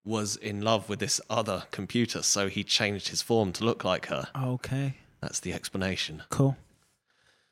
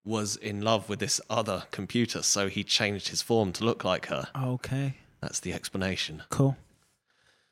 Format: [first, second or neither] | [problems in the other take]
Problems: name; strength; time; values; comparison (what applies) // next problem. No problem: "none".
neither | none